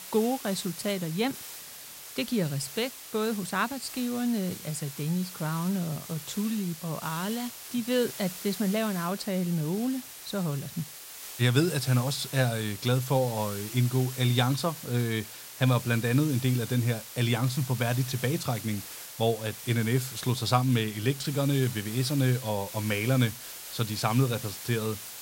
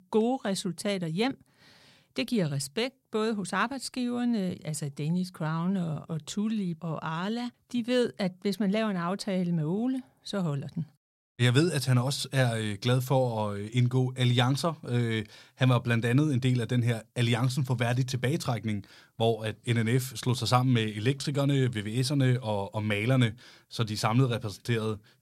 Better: second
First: hiss; noticeable; throughout; 10 dB below the speech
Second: none

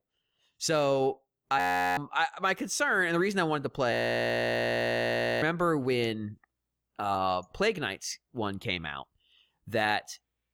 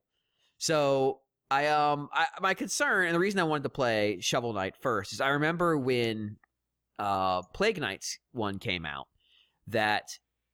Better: second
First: audio freezing; at 1.5 s and at 4 s for 1.5 s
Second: none

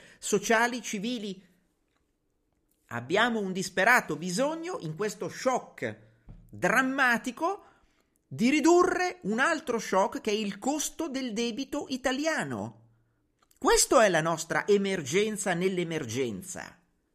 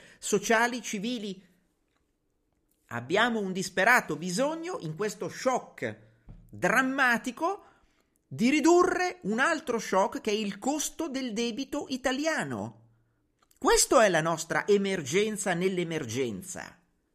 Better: neither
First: none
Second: none

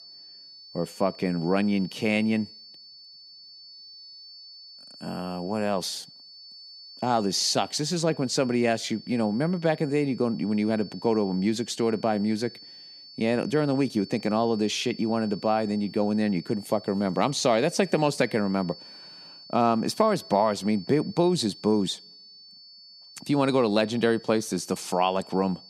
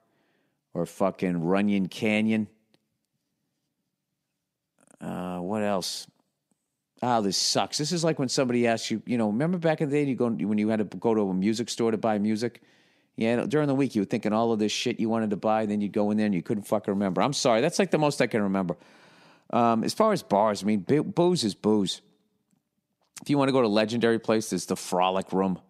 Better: second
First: high-pitched whine; noticeable; throughout; 4.5 kHz, 20 dB below the speech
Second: none

